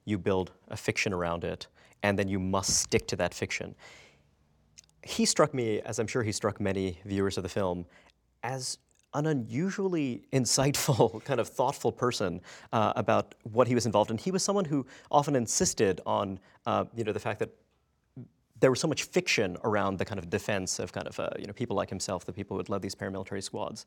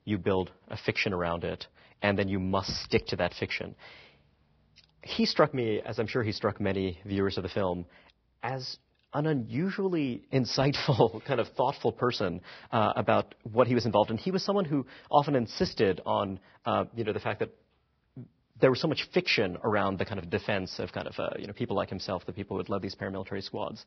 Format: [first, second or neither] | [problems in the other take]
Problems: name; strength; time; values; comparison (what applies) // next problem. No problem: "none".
first | garbled, watery; badly; nothing above 5.5 kHz